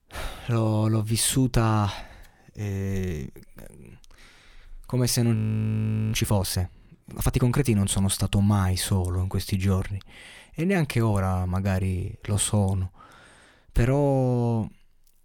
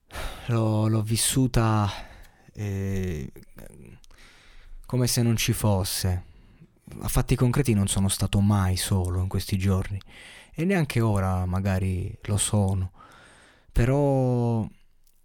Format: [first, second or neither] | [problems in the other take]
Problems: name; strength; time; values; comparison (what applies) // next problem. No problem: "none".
second | audio freezing; at 5.5 s for 1 s